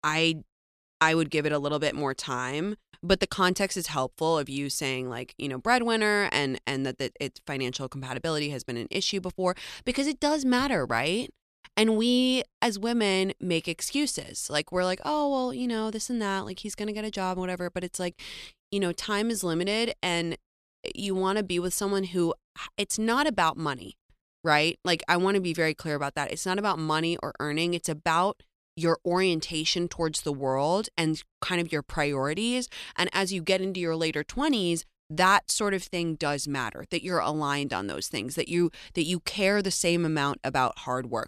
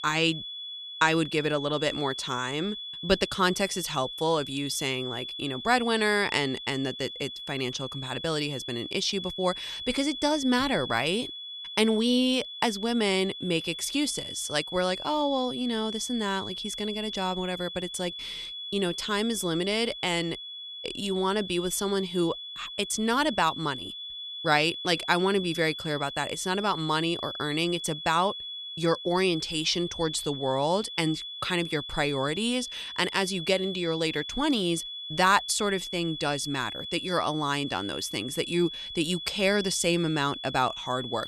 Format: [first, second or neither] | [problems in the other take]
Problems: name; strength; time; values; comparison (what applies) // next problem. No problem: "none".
first | high-pitched whine; loud; throughout; 3.5 kHz, 8 dB below the speech